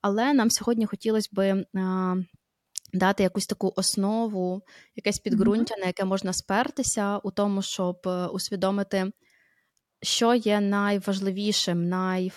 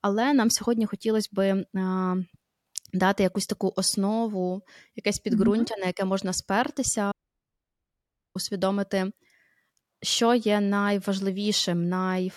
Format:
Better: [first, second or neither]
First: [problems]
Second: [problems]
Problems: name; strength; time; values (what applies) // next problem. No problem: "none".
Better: first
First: none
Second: audio cutting out; at 7 s for 1 s